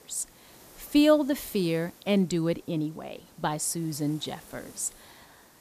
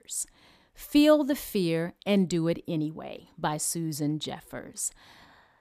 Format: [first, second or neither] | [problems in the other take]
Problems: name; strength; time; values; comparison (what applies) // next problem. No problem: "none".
second | hiss; faint; throughout; 25 dB below the speech